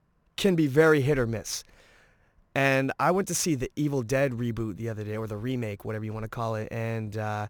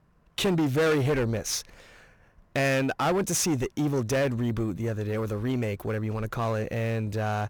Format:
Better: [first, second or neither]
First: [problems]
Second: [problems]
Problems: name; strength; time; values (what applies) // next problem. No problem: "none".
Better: first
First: none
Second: distortion; heavy; 8 dB below the speech